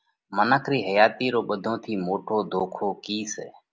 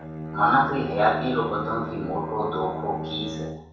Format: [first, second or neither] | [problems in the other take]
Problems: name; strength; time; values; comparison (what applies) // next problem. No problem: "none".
first | background sound (Bowed string instrument); 7 dB below the speech // room echo; dies away in 0.7 s